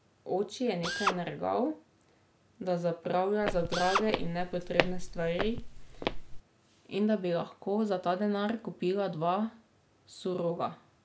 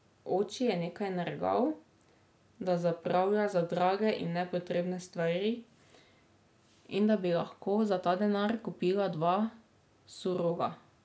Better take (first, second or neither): second